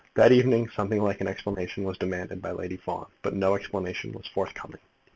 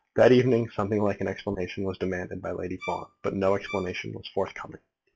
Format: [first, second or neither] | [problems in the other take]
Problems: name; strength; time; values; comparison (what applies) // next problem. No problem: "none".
first | noise reduction (classical method log-MMSE)